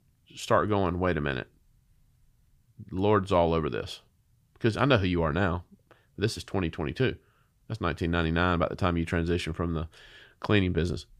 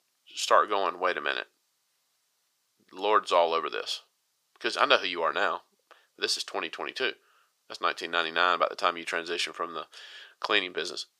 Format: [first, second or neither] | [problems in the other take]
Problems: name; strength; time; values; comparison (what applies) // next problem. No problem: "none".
first | thin; very; fading below 500 Hz